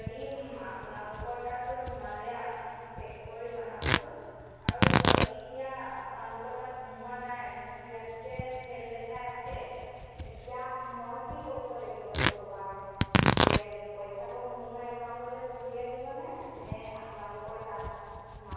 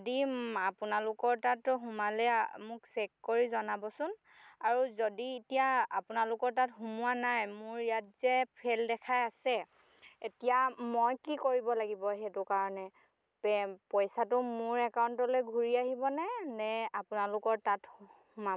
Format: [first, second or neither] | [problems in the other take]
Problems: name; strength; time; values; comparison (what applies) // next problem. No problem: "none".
second | background sound (Tearing); 5 dB above the speech // room echo; dies away in 2.2 s